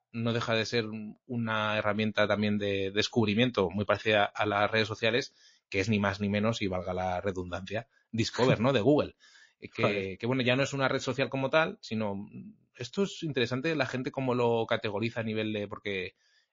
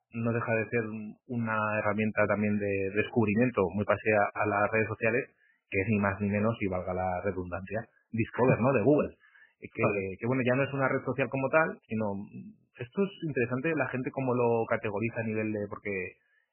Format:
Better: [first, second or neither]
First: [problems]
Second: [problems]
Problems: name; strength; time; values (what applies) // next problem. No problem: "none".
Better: first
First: garbled, watery; slightly; nothing above 6.5 kHz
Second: garbled, watery; badly; nothing above 2.5 kHz